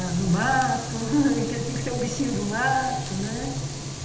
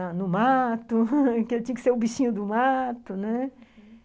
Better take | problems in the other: second | background sound (Frying (food)); 6 dB below the speech // room echo; dies away in 0.8 s

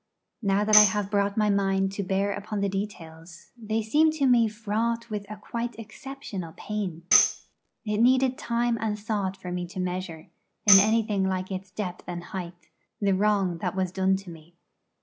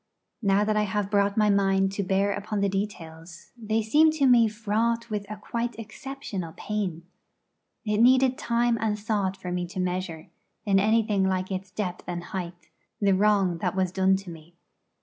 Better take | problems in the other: second | background sound (Tambourine); 3 dB below the speech

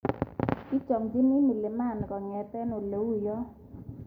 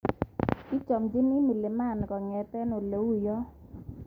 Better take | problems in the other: second | room echo; dies away in 1.9 s

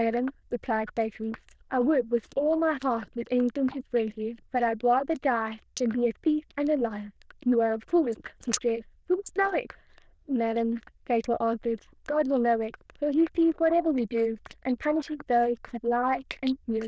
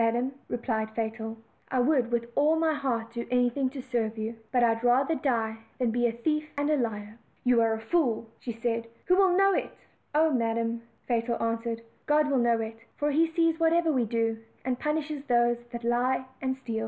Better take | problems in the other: second | noise reduction (neural diffusion model UNIVERSE++)

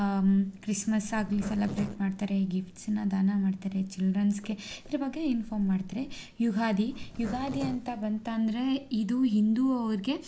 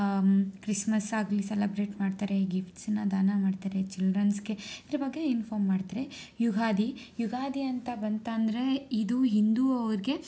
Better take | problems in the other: second | background sound (Zipper (clothing)); 16 dB below the speech

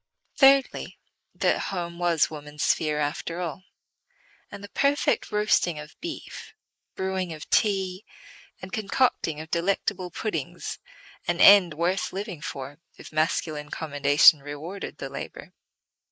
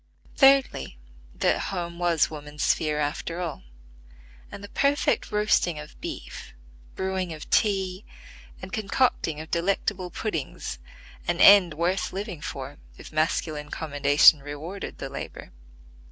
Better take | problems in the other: second | noise reduction (neural mask model Resemble Enhance denoiser)

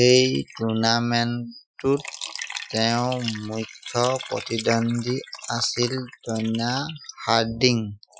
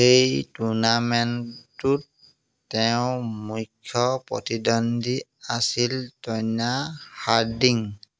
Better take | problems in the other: second | noise reduction (classical method Wiener filter)

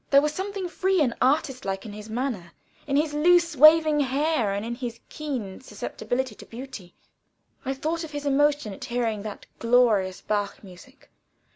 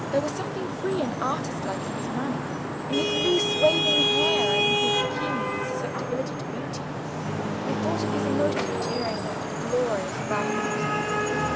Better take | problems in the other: first | background sound (Traffic noise, roadway noise / Vehicle horn, car horn, honking); 4 dB above the speech

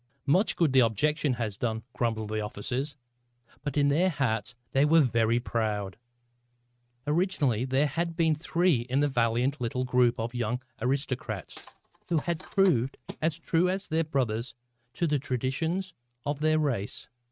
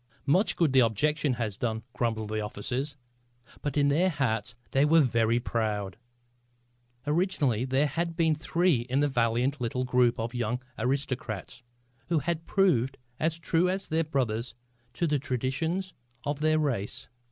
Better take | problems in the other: second | noise reduction (neural mask model RNNoise)

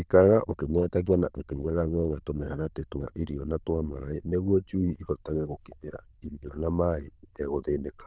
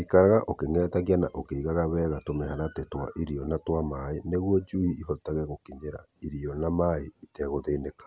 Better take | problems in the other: second | noise reduction (neural diffusion model UNIVERSE++)

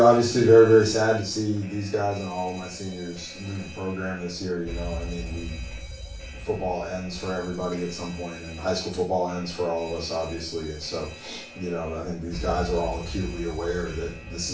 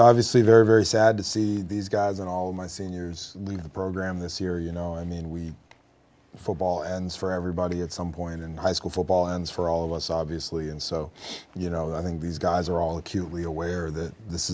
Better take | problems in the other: second | background sound (Alarm); 13 dB below the speech // room echo; dies away in 0.3 s

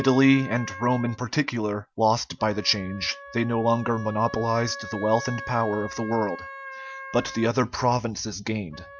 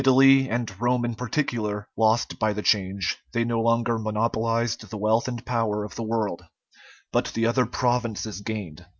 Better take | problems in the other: second | background sound (Wind instrument, woodwind instrument); 15 dB below the speech

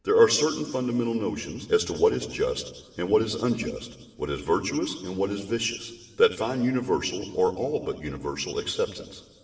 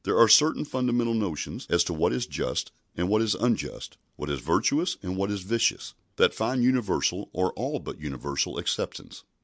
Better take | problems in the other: second | room echo; dies away in 1.9 s

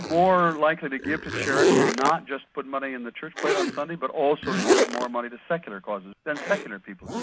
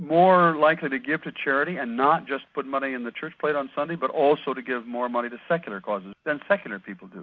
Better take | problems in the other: second | background sound (Zipper (clothing)); 1 dB below the speech

